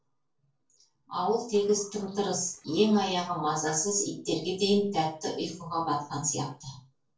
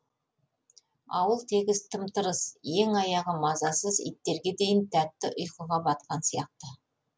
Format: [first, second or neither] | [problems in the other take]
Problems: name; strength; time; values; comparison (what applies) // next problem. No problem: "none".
second | noise reduction (neural separator model SepFormer DNS4)